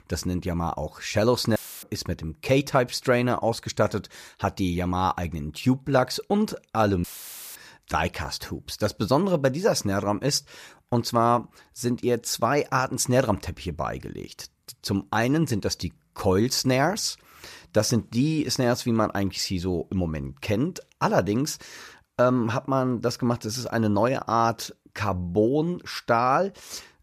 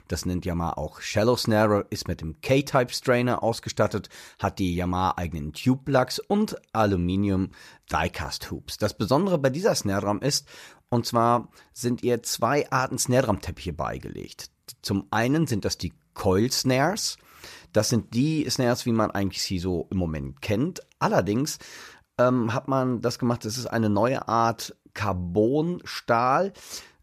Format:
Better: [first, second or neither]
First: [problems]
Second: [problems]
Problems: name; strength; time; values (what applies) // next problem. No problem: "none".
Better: second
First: audio cutting out; filled with static; at 1.5 s and at 7 s for 0.5 s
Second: none